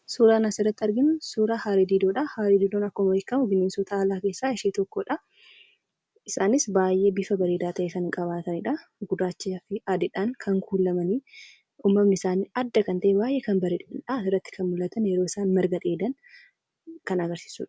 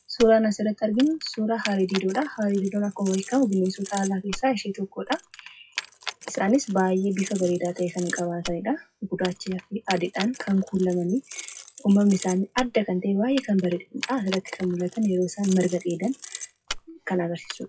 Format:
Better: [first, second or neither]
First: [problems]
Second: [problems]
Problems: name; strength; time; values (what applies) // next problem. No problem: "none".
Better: first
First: none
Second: noise reduction (classical method WPE with log-MMSE)